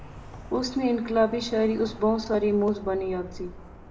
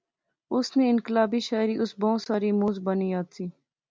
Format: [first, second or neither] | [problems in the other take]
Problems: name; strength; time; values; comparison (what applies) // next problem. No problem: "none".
second | background sound (Traffic noise, roadway noise); 16 dB below the speech // room echo; dies away in 0.5 s